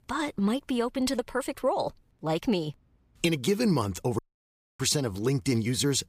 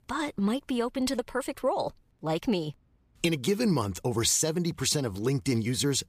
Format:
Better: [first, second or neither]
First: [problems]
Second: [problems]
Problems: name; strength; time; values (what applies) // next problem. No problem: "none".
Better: second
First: audio cutting out; at 4 s for 0.5 s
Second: none